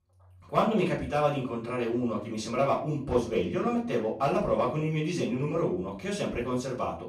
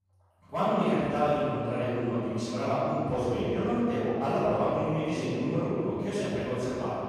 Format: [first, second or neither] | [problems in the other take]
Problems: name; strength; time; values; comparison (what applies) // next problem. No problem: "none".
first | room echo; strong; dies away in 2.5 s; slight in the first // off-mic speech; far; far in the first